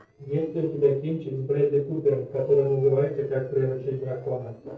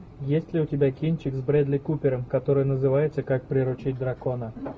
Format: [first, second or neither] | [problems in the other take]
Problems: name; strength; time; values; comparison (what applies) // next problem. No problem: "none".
second | noise reduction (neural separator model SepFormer DNS4)